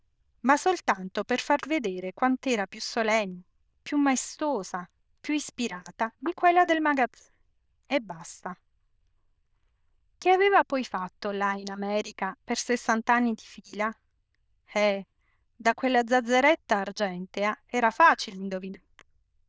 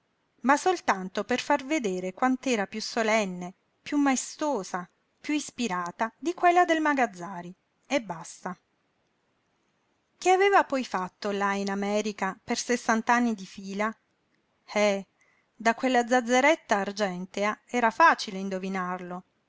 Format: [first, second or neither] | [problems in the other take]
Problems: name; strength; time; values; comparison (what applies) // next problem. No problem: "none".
second | noise reduction (neural diffusion model UNIVERSE++)